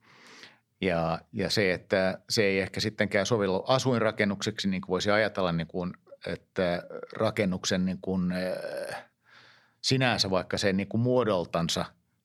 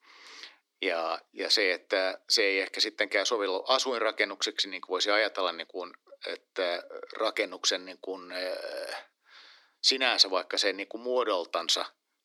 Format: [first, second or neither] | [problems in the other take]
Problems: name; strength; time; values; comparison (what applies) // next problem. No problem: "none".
first | thin; somewhat; fading below 300 Hz